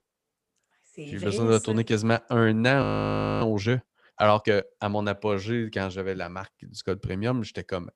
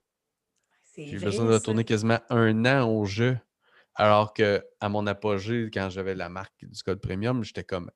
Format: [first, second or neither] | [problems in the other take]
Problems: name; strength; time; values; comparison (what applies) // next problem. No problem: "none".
second | audio freezing; at 3 s for 0.5 s